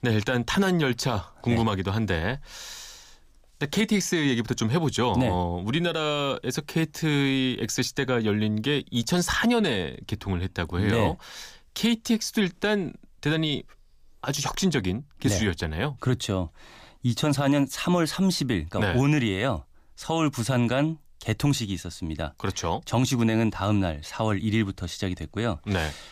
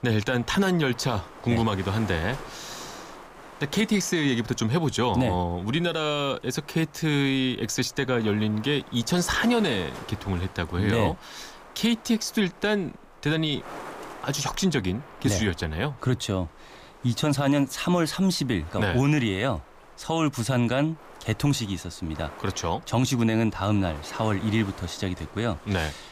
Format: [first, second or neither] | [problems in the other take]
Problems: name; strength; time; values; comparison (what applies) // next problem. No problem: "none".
first | wind noise on the microphone; occasional gusts; 15 dB below the speech